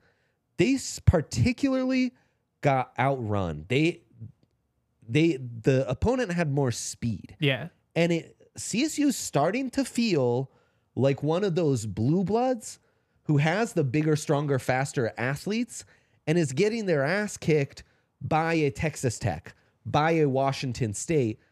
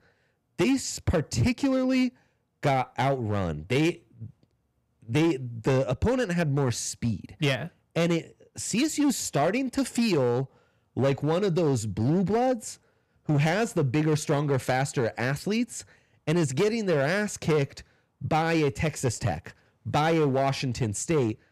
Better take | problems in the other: first | distortion; slight; 8% of the sound clipped

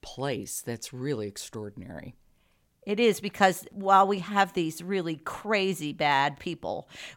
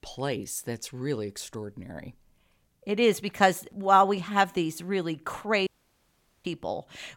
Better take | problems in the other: first | audio cutting out; at 5.5 s for 1 s

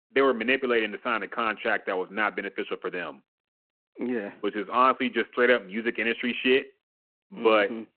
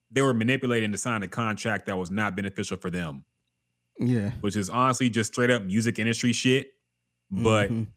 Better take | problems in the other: second | phone-call audio

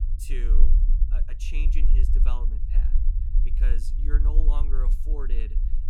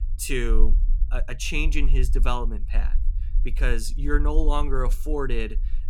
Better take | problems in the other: second | low rumble; loud; throughout; 5 dB below the speech; faint in the second

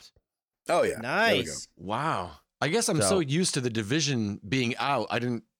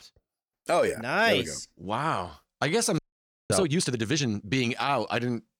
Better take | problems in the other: first | audio freezing; at 3 s for 0.5 s

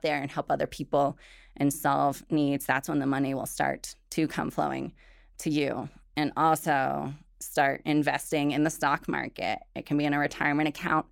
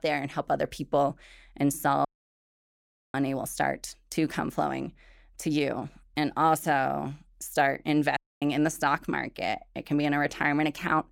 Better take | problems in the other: first | audio cutting out; at 2 s for 1 s and at 8 s

